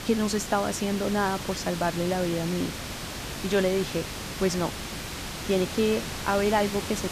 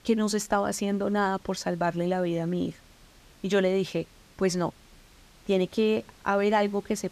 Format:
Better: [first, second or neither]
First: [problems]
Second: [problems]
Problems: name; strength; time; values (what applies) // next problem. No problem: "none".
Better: second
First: hiss; loud; throughout; 7 dB below the speech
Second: hiss; faint; throughout; 30 dB below the speech